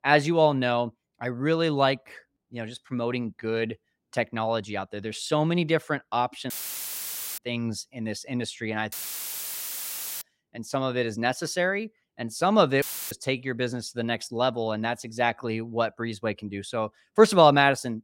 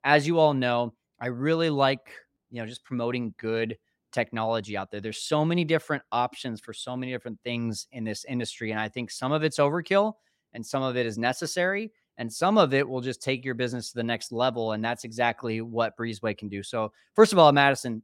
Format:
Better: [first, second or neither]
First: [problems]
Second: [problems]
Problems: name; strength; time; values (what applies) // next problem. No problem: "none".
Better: second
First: audio cutting out; filled with static; at 6.5 s for 1 s, at 9 s for 1.5 s and at 13 s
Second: none